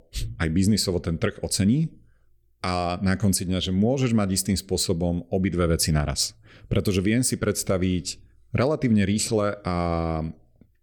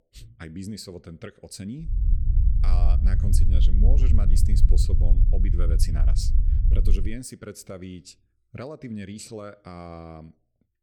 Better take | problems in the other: first | low rumble; loud; from 2 to 7 s; 3 dB below the speech

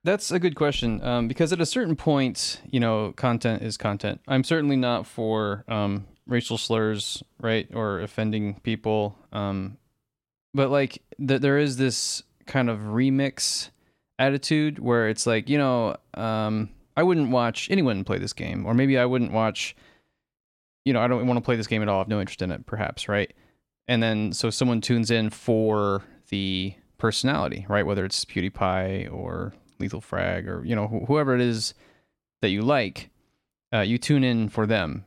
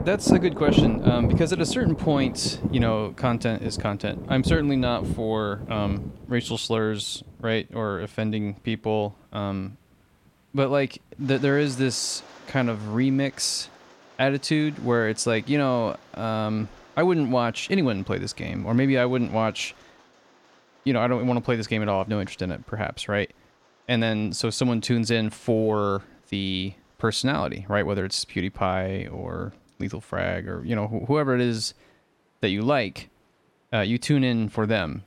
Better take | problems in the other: first | rain or running water; loud; throughout; 2 dB below the speech

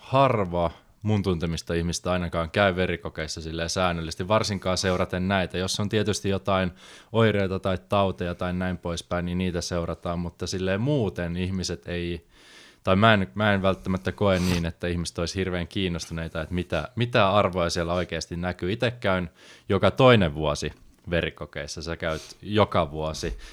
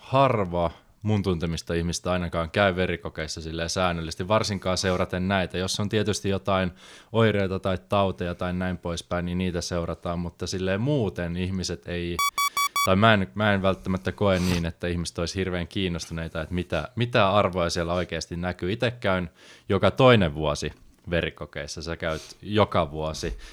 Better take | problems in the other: first | alarm; loud; at 12 s; peak 2 dB above the speech

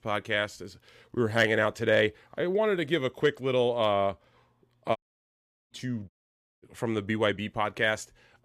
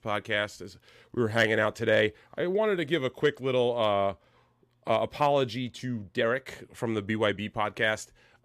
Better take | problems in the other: second | audio cutting out; at 5 s for 0.5 s and at 6 s for 0.5 s

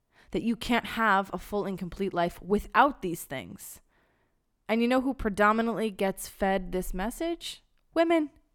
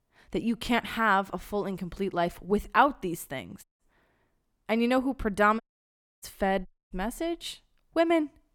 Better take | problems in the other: first | audio cutting out; at 3.5 s, at 5.5 s for 0.5 s and at 6.5 s

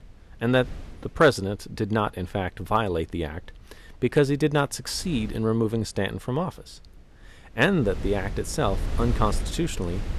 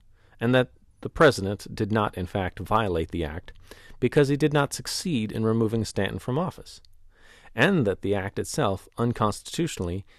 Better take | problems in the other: second | wind noise on the microphone; occasional gusts; 15 dB below the speech

